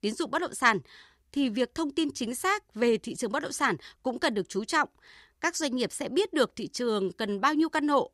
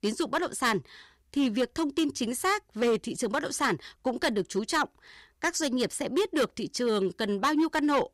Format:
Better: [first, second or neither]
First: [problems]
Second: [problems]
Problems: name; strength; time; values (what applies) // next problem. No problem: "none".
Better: first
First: none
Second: distortion; slight; 6% of the sound clipped